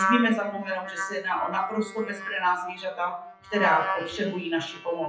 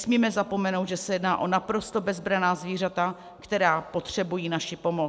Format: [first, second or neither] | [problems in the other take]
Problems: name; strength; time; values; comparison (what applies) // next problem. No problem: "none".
second | noise reduction (classical method WPE with log-MMSE)